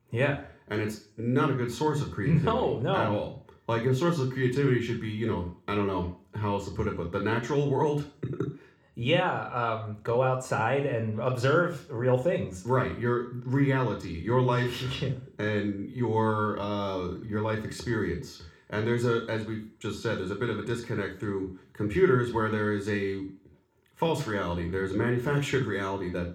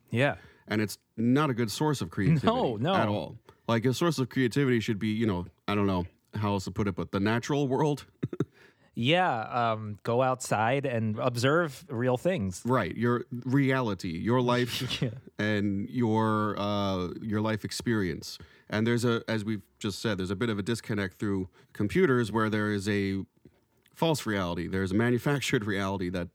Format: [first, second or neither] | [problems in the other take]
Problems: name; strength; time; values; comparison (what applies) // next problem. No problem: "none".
second | room echo; slight; dies away in 0.4 s